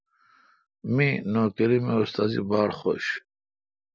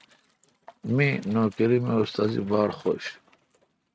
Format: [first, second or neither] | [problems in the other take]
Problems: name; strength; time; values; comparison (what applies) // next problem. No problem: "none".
first | noise reduction (neural mask model RNNoise)